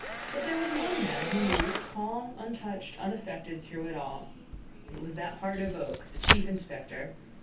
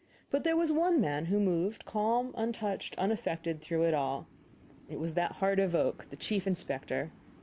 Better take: second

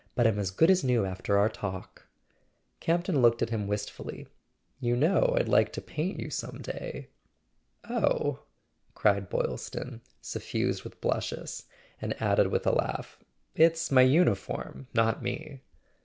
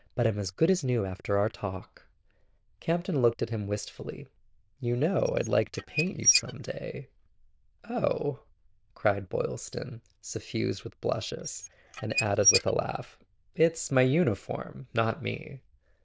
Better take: first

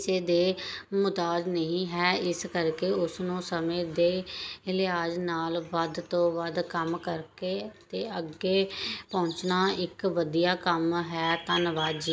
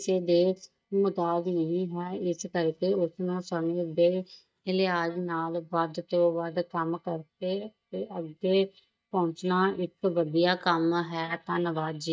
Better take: first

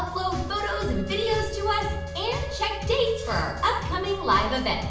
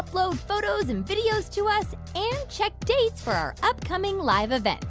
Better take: second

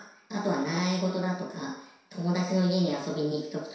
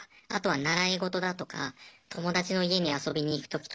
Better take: second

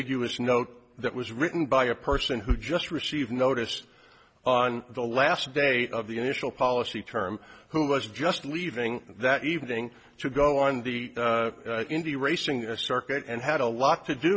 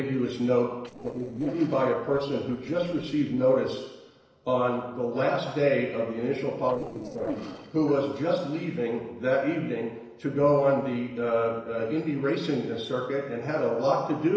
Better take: first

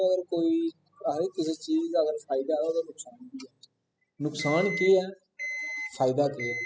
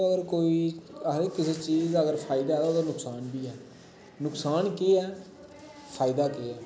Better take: second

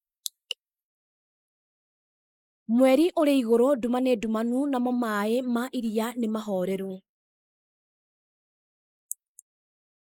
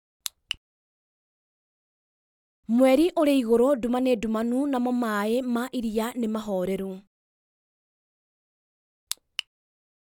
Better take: second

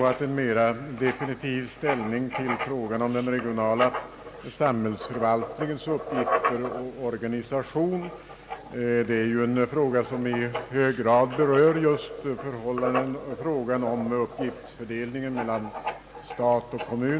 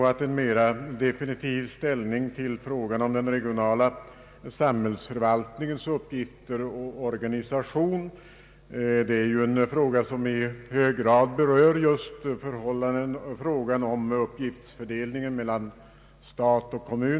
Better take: second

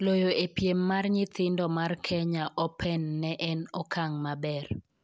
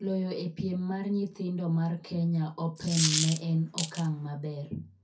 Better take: first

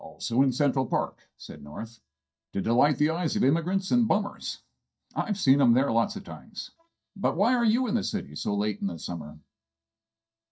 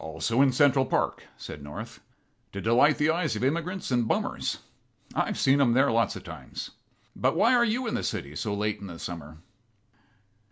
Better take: second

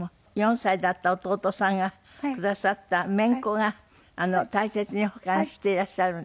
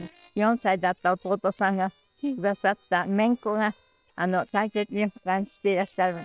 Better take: first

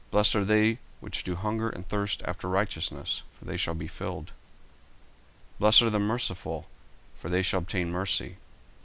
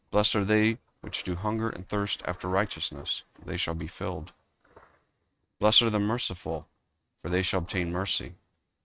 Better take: first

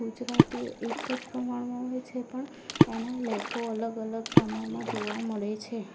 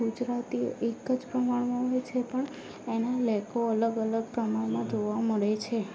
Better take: second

